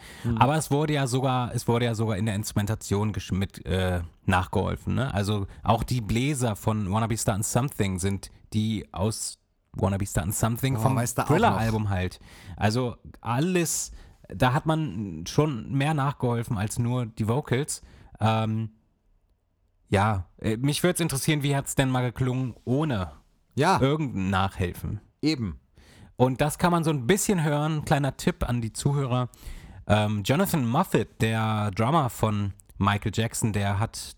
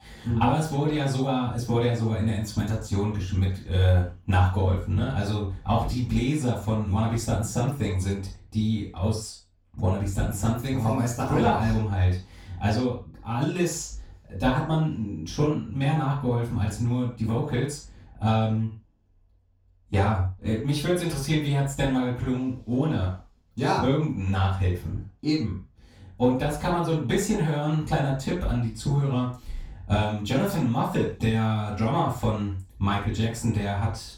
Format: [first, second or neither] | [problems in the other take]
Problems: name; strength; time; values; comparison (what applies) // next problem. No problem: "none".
first | room echo; noticeable; dies away in 0.3 s // off-mic speech; far